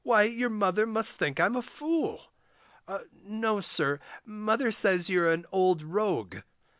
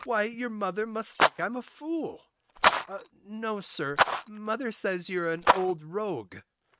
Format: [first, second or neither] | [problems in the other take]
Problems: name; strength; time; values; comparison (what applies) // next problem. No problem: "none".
first | noise reduction (neural mask model RNNoise)